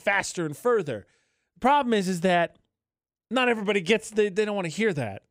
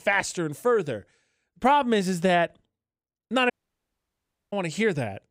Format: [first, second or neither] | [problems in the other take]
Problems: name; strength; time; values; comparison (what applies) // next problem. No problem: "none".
first | audio cutting out; at 3.5 s for 1 s